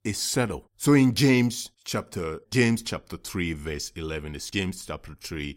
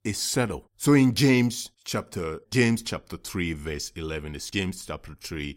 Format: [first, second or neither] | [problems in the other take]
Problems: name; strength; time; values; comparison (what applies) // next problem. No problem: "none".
neither | none